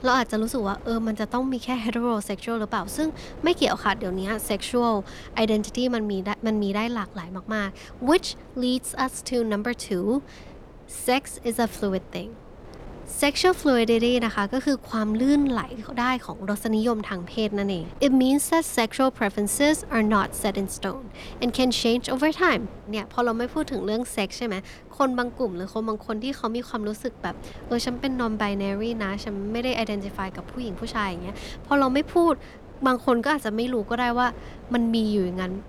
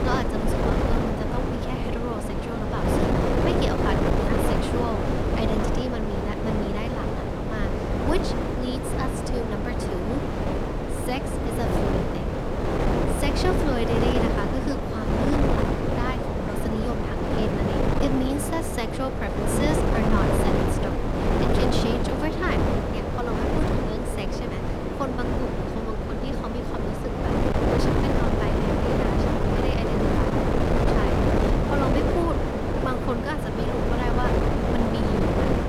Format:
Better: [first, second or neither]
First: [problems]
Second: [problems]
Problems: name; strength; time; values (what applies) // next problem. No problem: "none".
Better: first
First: wind noise on the microphone; occasional gusts; 20 dB below the speech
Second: wind noise on the microphone; heavy; 5 dB above the speech